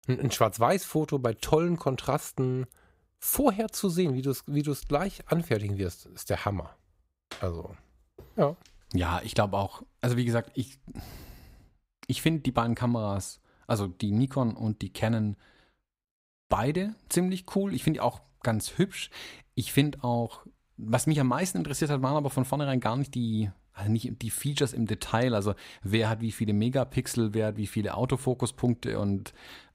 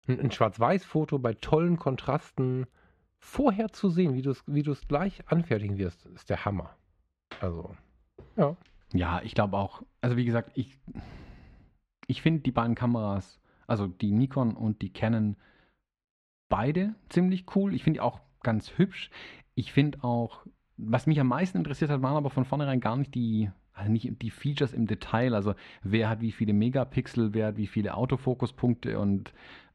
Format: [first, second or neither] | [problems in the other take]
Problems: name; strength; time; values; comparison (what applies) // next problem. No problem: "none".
first | muffled; slightly; fading above 2.5 kHz